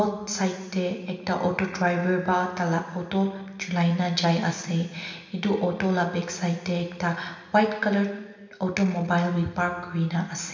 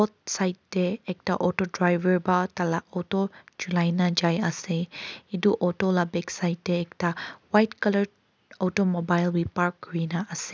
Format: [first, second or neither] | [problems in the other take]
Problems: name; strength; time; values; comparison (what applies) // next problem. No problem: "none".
second | room echo; dies away in 1.4 s